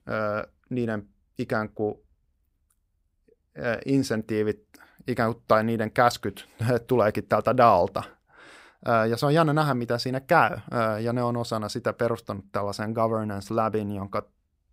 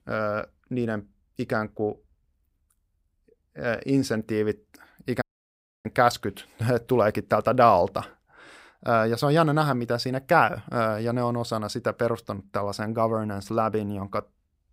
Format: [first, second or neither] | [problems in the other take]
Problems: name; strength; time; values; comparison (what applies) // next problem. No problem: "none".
first | audio cutting out; at 5 s for 0.5 s